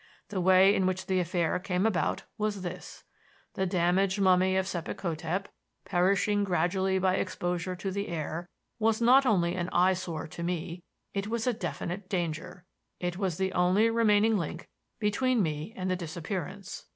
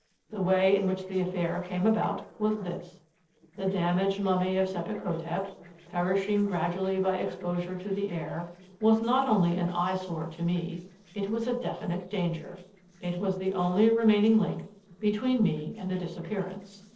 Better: first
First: none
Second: noise reduction (neural separator model SepFormer DNS4)

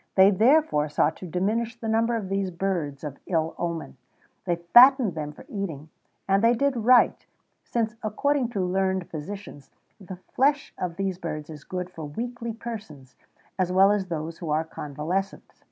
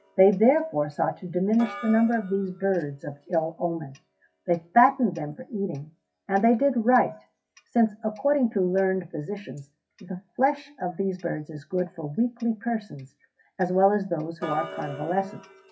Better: first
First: none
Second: noise reduction (classical method WPE with log-MMSE)

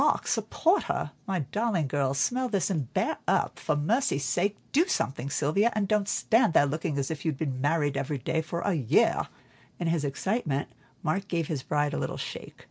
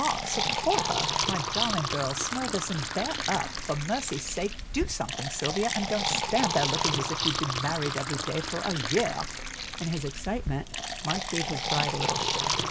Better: first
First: none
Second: background sound (Fill (with liquid)); as loud as the speech

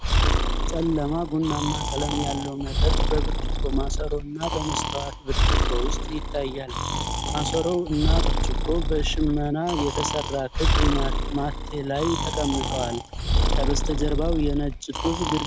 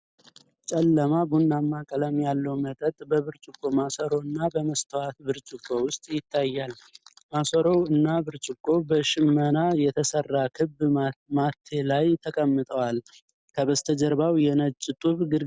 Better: second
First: background sound (Breathing); 4 dB above the speech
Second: none

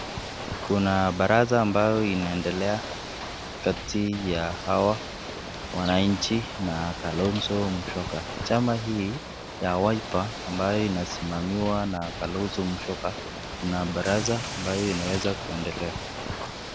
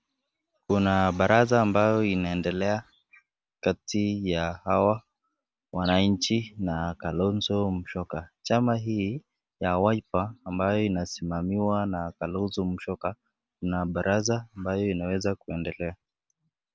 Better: second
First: background sound (Rain + Ocean / Boat, Water vehicle); 8 dB below the speech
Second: none

